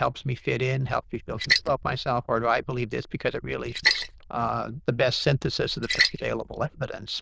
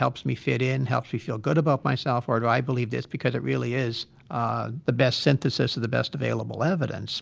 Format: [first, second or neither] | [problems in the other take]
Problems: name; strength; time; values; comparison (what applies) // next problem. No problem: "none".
second | noise reduction (neural diffusion model UNIVERSE++)